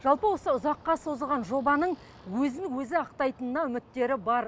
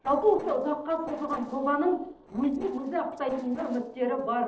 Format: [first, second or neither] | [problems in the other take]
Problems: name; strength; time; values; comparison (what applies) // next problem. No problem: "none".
first | noise reduction (neural separator model SepFormer DNS4)